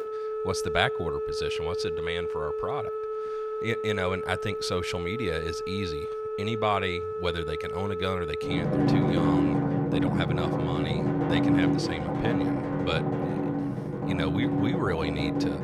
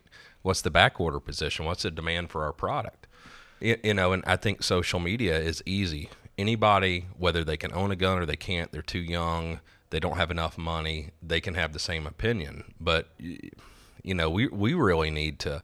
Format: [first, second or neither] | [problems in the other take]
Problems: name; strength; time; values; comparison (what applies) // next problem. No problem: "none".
second | background music; very loud; throughout; 3 dB above the speech